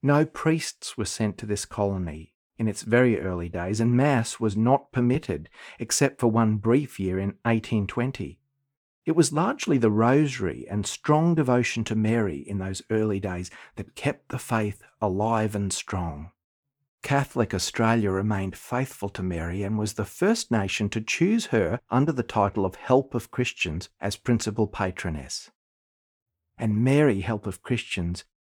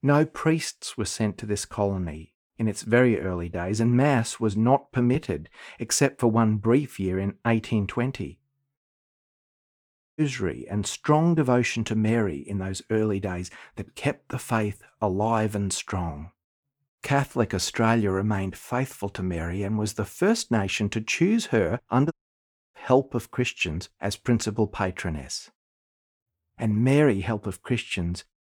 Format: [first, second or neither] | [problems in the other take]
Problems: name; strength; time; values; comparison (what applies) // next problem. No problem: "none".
first | audio cutting out; at 9 s for 1.5 s and at 22 s for 0.5 s